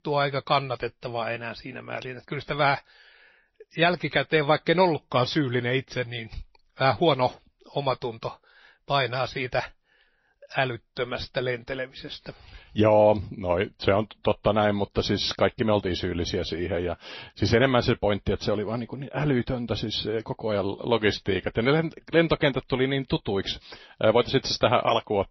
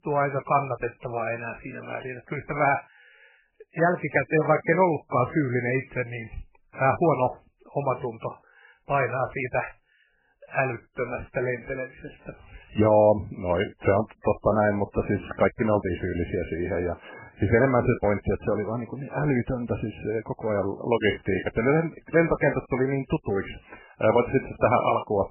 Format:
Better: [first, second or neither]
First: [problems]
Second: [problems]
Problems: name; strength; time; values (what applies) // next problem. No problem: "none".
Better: first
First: garbled, watery; slightly; nothing above 6 kHz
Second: garbled, watery; badly; nothing above 2.5 kHz